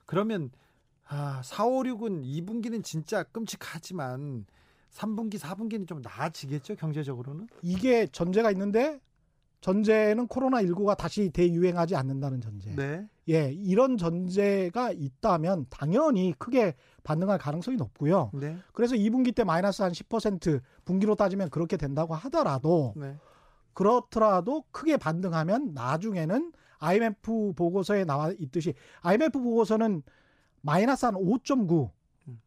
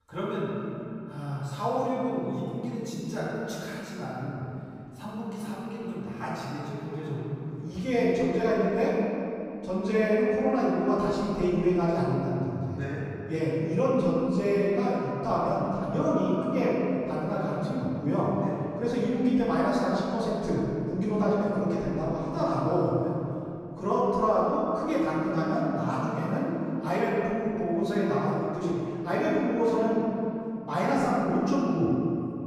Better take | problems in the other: first | off-mic speech; far // room echo; strong; dies away in 2.5 s

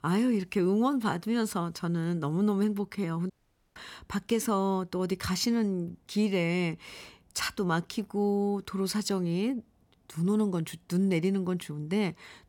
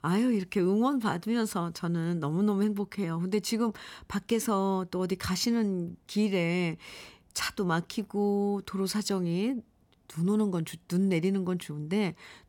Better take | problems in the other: second | audio cutting out; at 3.5 s

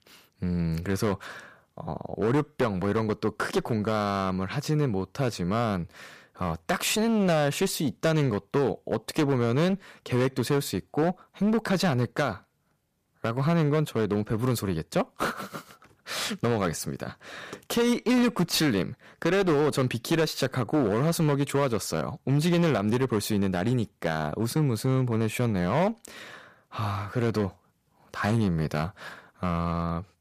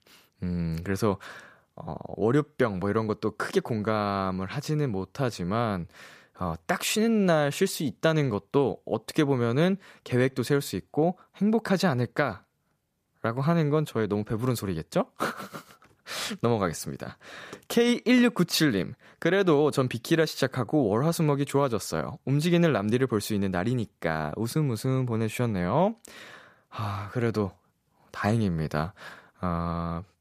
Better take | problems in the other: second | distortion; slight; 10% of the sound clipped

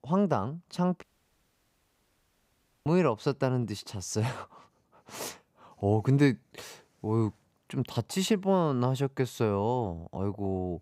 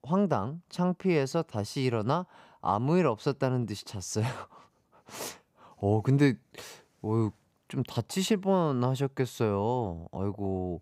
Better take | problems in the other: second | audio cutting out; at 1 s for 2 s

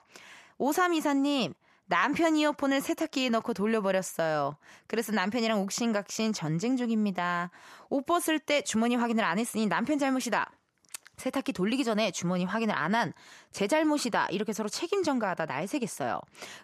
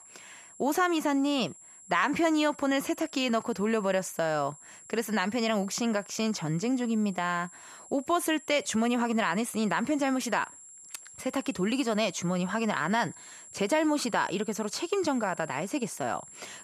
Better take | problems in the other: first | high-pitched whine; noticeable; throughout; 7.5 kHz, 20 dB below the speech

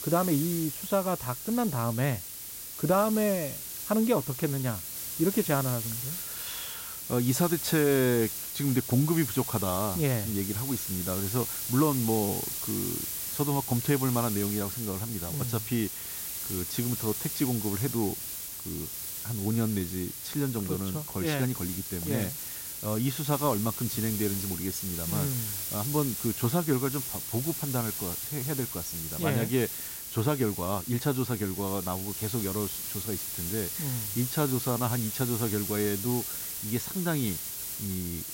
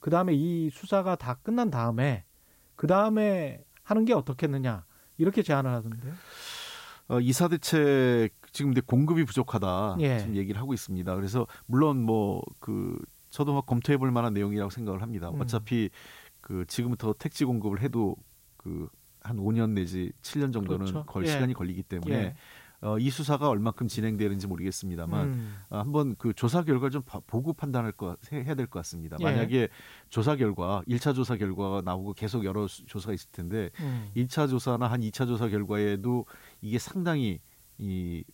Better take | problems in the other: second | hiss; loud; throughout; 3 dB below the speech; faint in the second

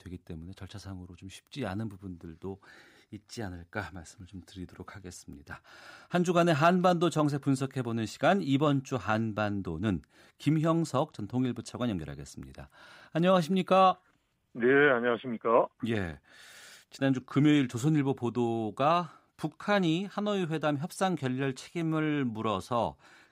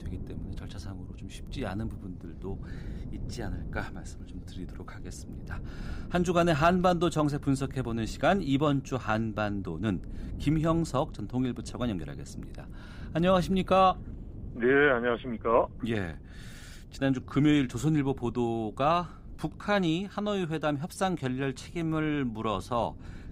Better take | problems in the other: first | wind noise on the microphone; occasional gusts; 25 dB below the speech

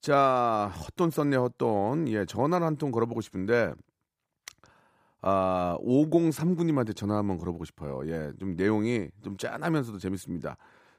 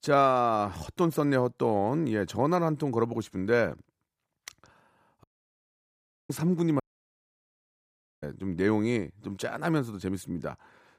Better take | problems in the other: first | audio cutting out; at 5 s for 1 s and at 7 s for 1.5 s

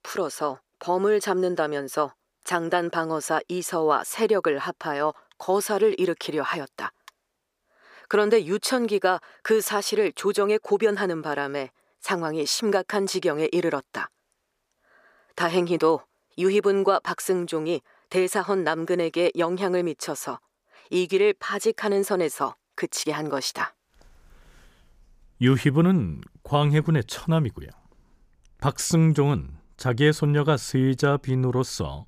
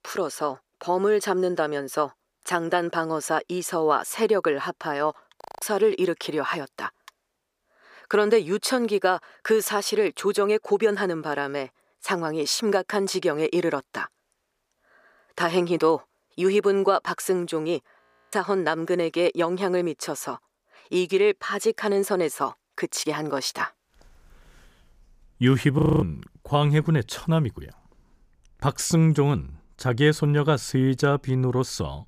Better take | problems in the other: first | audio freezing; at 5.5 s, at 18 s and at 26 s

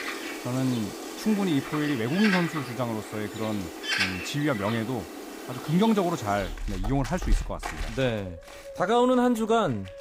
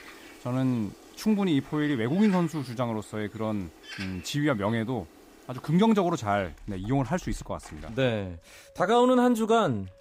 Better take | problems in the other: second | animal sounds; loud; throughout; 7 dB below the speech; faint in the second

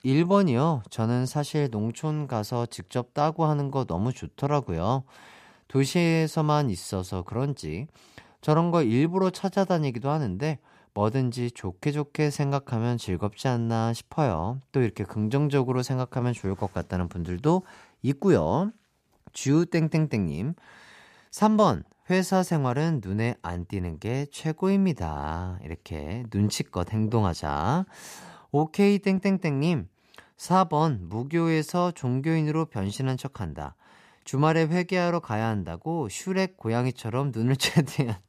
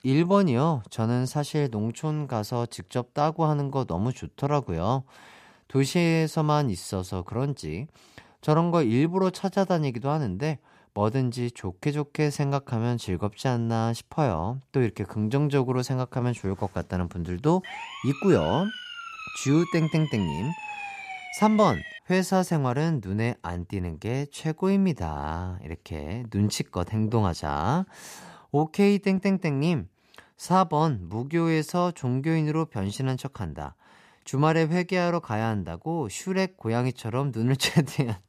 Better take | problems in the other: first | siren; noticeable; from 18 to 22 s; peak 9 dB below the speech

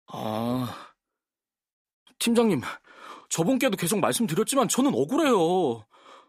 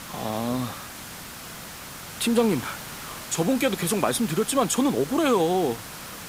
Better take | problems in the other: first | hiss; noticeable; throughout; 10 dB below the speech

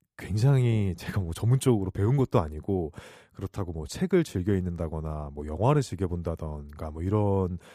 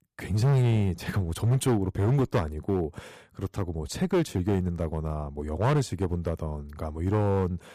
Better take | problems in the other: first | distortion; slight; 9% of the sound clipped

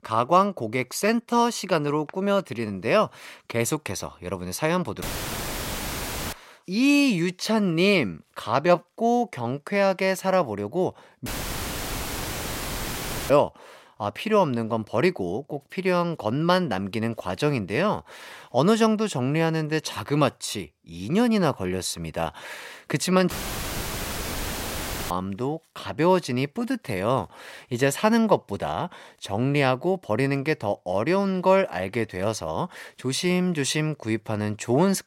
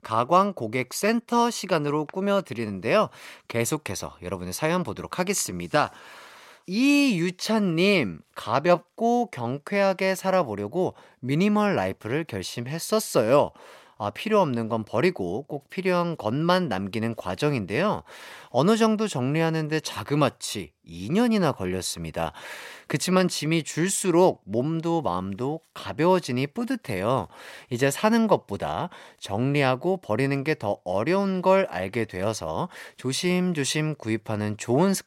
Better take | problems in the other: second | audio cutting out; filled with static; at 5 s for 1.5 s, at 11 s for 2 s and at 23 s for 2 s

